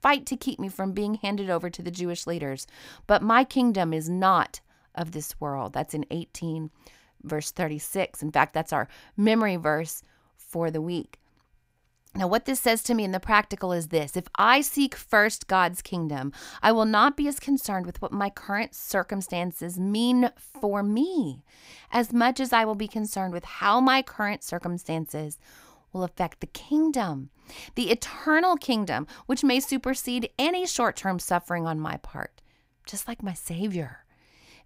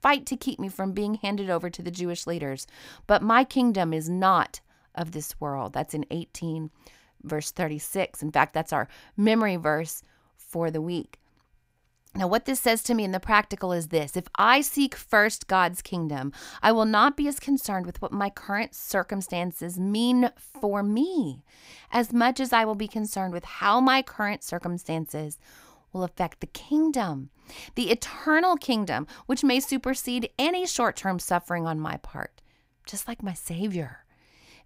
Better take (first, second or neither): neither